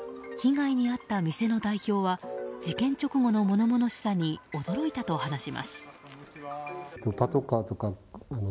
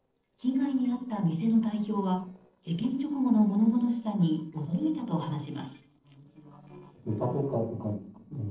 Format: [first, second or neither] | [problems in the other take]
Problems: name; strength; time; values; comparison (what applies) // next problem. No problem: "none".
first | noise reduction (neural separator model SepFormer DNS4)